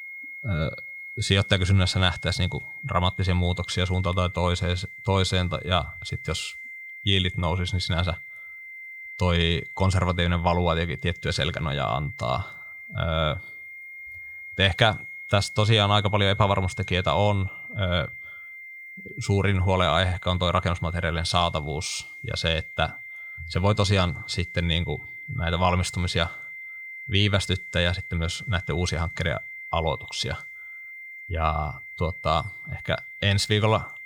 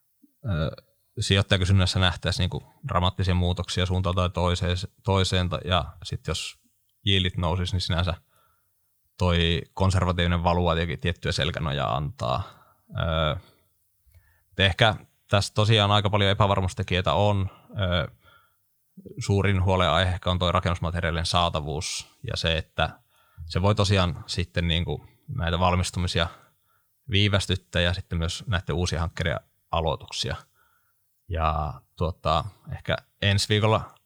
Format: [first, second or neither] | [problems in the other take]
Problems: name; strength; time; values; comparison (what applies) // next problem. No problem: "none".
second | high-pitched whine; noticeable; throughout; 2 kHz, 10 dB below the speech